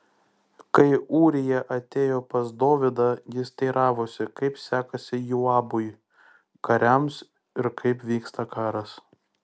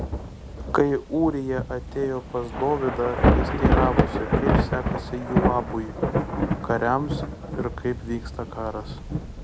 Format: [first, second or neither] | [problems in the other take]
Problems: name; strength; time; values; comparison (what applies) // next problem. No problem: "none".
first | background sound (Thunder / Rain); 2 dB above the speech